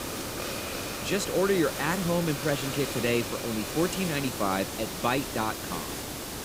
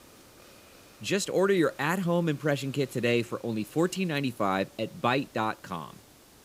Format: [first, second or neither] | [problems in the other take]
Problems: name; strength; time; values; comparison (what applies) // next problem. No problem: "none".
second | hiss; loud; throughout; 4 dB below the speech; faint in the second